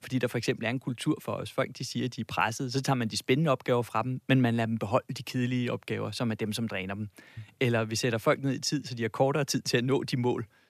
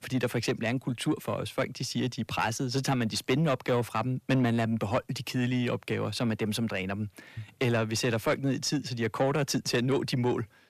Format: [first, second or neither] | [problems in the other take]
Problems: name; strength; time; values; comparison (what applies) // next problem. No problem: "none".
first | distortion; slight; 10 dB below the speech